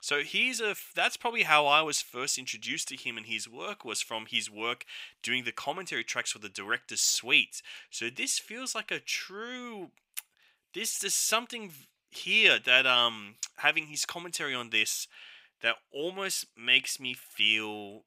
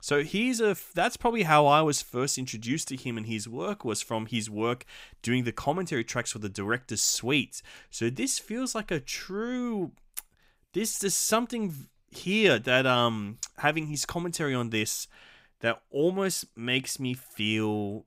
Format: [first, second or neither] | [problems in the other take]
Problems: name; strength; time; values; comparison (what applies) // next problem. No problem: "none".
second | thin; somewhat; fading below 850 Hz